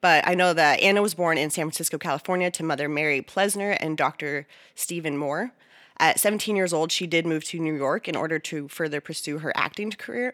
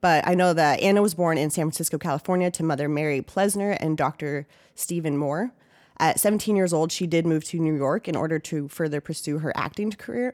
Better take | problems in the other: second | thin; very slightly; fading below 300 Hz

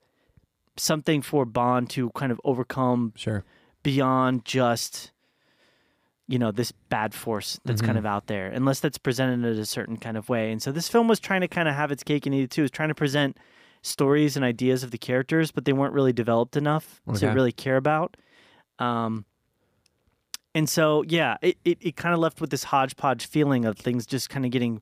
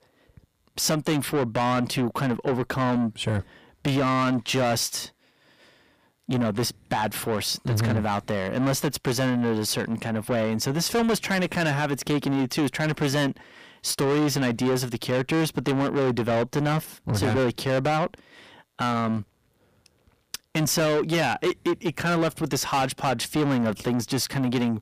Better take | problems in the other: first | distortion; heavy; 7 dB below the speech

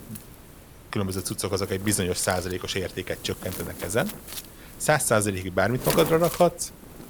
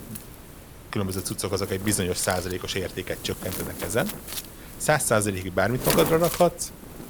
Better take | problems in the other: first | wind noise on the microphone; heavy; 10 dB below the speech; occasional gusts in the first

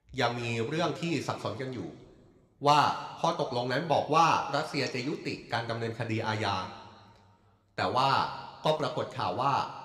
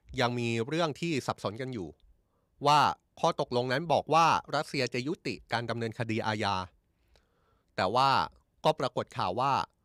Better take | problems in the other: second | room echo; slight; dies away in 1.3 s

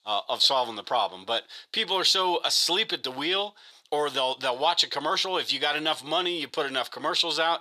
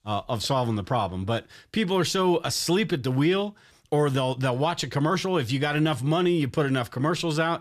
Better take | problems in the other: second | thin; very; fading below 550 Hz

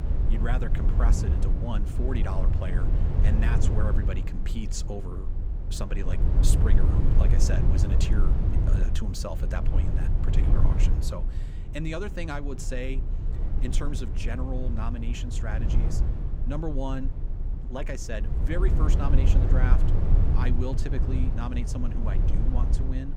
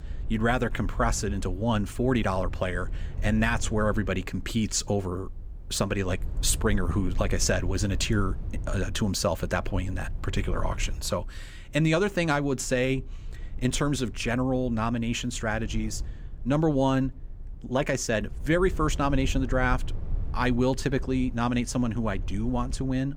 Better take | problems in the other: second | low rumble; loud; throughout; 3 dB below the speech; faint in the second

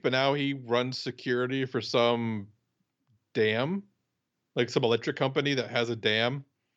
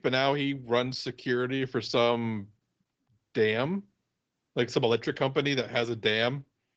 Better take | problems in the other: first | garbled, watery; badly

